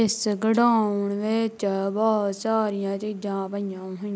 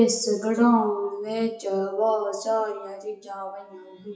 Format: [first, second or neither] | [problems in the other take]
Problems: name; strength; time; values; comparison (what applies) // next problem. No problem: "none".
first | noise reduction (classical method WPE with log-MMSE)